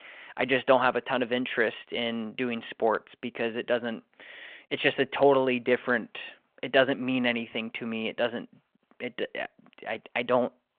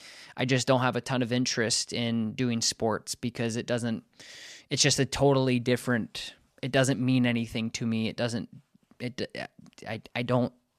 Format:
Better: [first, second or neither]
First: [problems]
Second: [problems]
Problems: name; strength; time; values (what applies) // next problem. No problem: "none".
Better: second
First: phone-call audio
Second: none